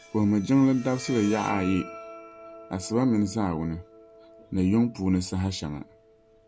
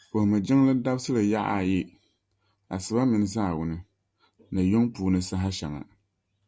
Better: second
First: background sound (Bowed string instrument); 17 dB below the speech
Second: none

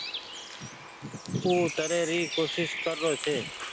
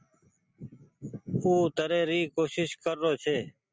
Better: second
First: background sound (Bird); 7 dB below the speech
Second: none

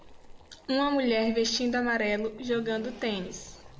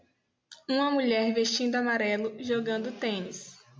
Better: second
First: background sound (Boiling); 19 dB below the speech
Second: none

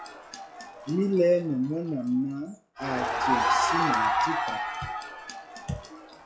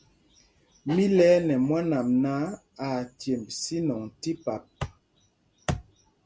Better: second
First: noise reduction (classical method log-MMSE)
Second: none

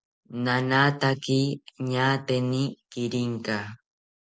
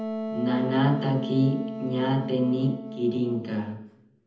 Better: first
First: none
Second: background sound (Wind instrument, woodwind instrument); 8 dB below the speech // room echo; dies away in 0.8 s

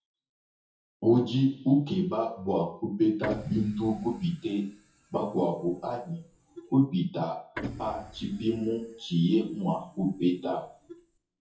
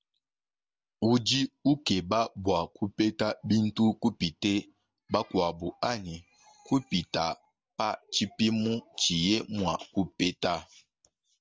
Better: second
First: noise reduction (classical method WPE with log-MMSE)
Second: none

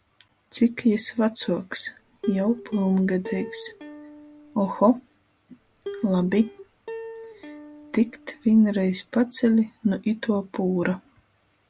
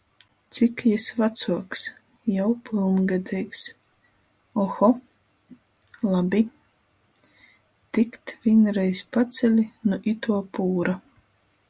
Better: second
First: background sound (Plucked string instrument); 15 dB below the speech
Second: none

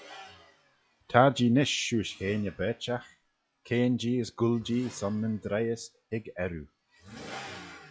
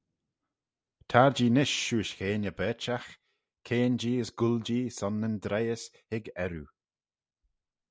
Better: second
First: noise reduction (classical method log-MMSE)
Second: none

